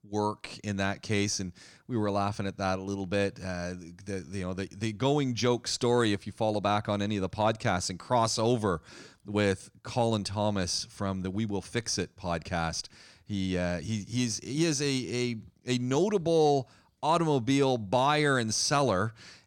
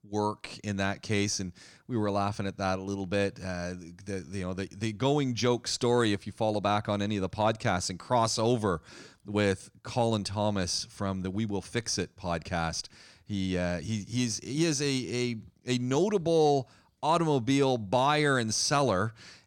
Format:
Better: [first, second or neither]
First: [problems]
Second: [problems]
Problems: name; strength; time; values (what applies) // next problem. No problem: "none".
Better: neither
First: none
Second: none